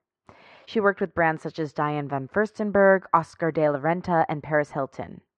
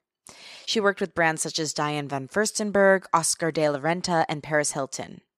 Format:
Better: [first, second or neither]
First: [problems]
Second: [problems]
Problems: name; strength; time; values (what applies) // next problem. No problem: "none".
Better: second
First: muffled; very; fading above 1.5 kHz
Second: none